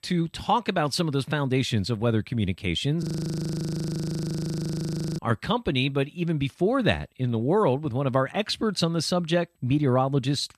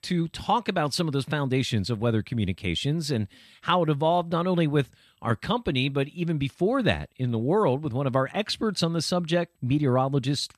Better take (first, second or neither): second